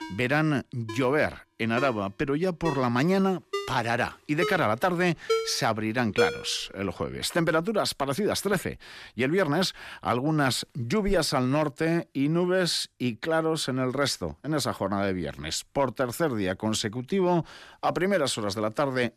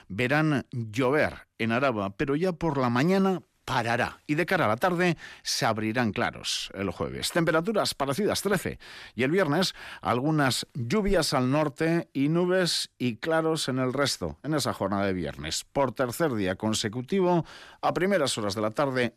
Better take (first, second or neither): second